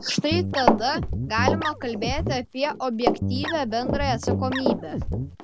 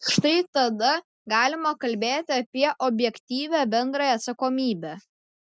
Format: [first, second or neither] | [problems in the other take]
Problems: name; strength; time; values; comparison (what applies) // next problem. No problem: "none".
second | background sound (Guitar + Run); 1 dB above the speech